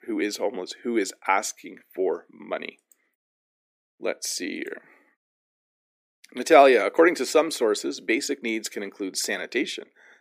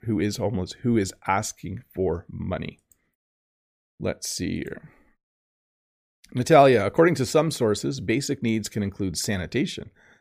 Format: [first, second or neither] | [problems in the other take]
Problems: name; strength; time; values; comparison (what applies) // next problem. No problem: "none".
second | thin; somewhat; fading below 300 Hz